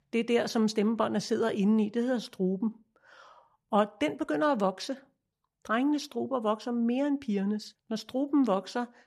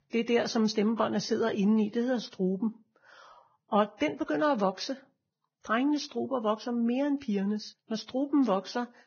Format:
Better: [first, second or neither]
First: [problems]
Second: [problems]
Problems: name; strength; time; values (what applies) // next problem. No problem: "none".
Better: first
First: none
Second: garbled, watery; badly; nothing above 6.5 kHz